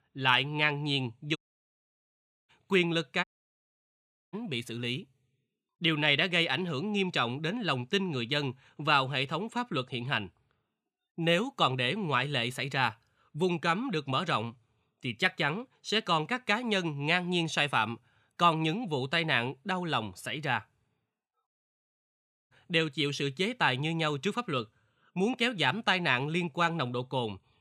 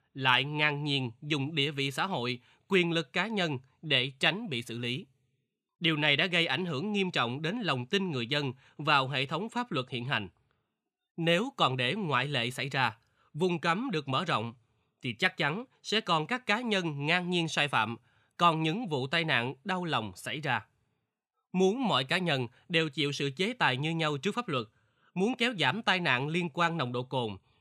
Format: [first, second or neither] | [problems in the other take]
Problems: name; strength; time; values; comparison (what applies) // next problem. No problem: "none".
second | audio cutting out; at 1.5 s for 1 s, at 3 s for 1 s and at 21 s for 1 s